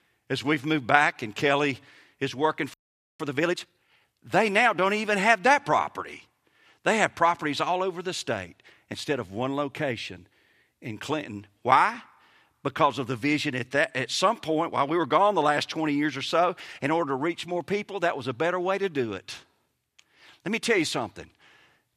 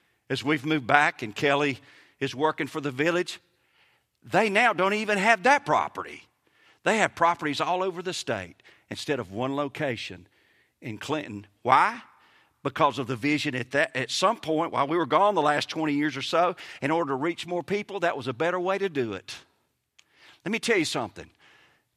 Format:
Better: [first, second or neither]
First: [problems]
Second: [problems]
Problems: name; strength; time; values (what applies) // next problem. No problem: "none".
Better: second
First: audio freezing; at 2.5 s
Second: none